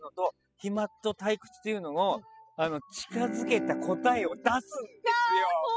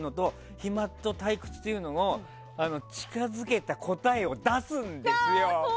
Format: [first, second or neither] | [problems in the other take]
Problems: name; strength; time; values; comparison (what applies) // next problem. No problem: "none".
second | noise reduction (classical method spectral subtraction)